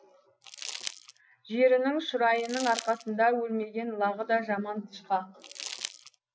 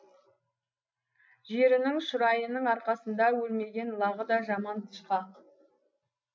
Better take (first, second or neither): second